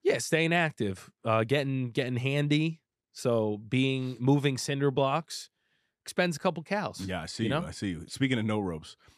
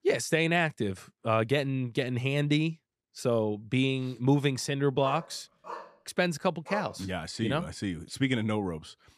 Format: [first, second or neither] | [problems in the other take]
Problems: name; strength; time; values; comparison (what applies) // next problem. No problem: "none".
first | dog barking; faint; from 5 to 7 s; peak 10 dB below the speech